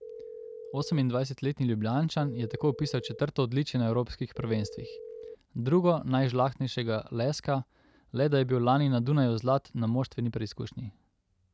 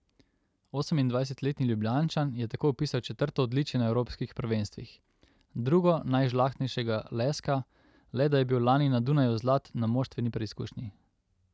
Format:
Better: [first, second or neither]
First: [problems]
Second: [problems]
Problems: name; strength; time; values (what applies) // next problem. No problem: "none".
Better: second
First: background sound (Telephone); 14 dB below the speech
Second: none